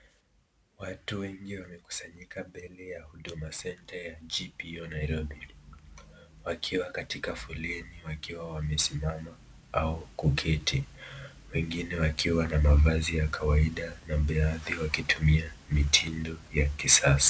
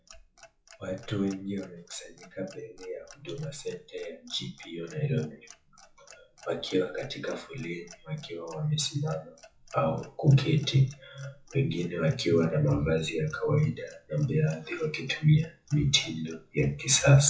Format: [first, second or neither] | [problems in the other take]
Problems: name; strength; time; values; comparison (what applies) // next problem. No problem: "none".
first | noise reduction (classical method WPE with log-MMSE)